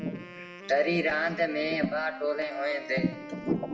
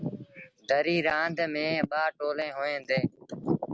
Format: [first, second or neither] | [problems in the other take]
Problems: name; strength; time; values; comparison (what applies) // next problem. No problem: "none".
second | background sound (Wind instrument, woodwind instrument); 15 dB below the speech // room echo; dies away in 0.7 s